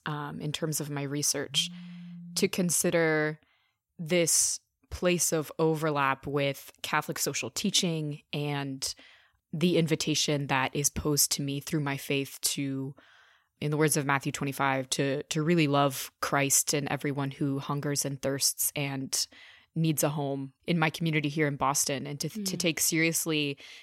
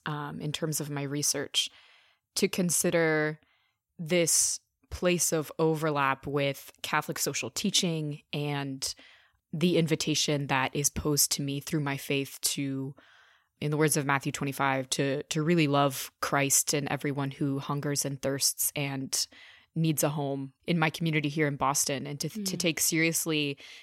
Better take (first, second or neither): second